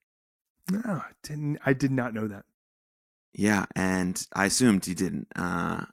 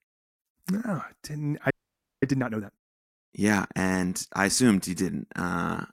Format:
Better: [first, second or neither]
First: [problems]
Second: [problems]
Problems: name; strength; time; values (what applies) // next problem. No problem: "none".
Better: first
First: none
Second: audio freezing; at 1.5 s for 0.5 s